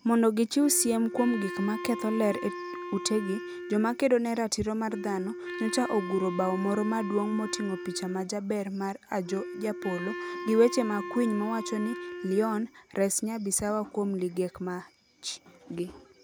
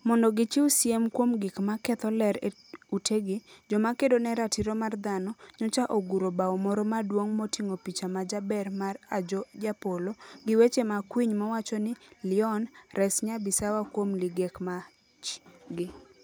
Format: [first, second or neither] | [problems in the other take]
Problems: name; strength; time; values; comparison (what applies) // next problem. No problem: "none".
second | background sound (Wind instrument, woodwind instrument); 9 dB below the speech